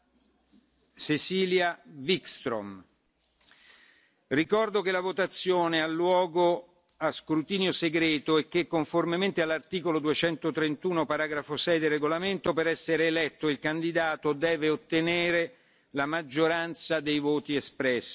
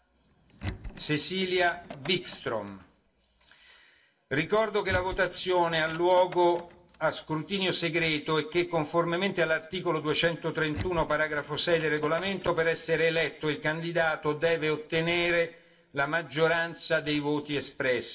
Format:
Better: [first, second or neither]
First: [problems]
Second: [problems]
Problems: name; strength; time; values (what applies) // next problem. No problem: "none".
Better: first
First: none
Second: background sound (Door); 16 dB below the speech // room echo; dies away in 0.6 s